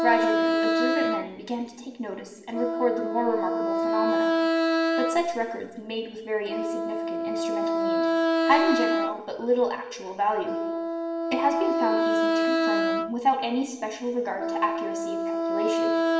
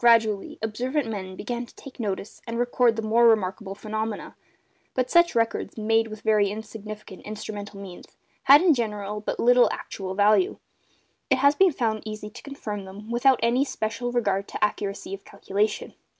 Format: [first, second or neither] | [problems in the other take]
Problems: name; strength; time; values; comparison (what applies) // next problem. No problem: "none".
second | background sound (Wind instrument, woodwind instrument); 3 dB above the speech // room echo; dies away in 1 s